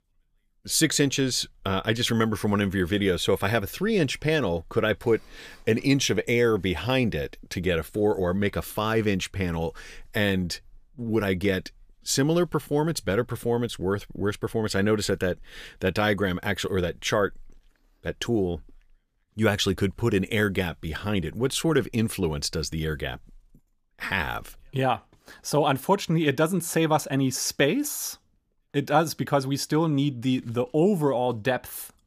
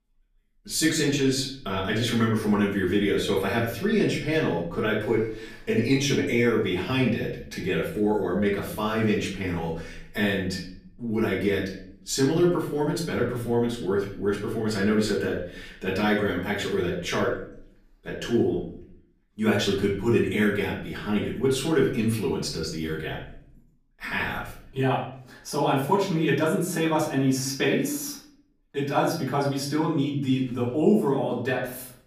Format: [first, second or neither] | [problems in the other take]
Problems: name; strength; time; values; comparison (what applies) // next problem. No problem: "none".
first | off-mic speech; far // room echo; slight; dies away in 0.5 s